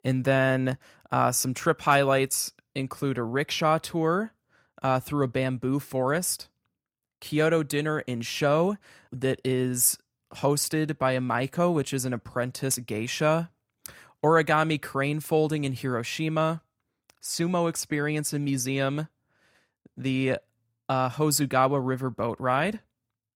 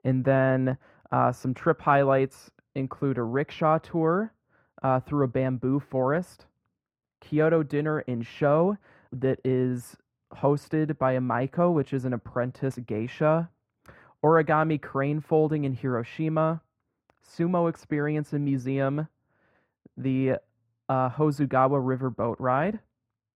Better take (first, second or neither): first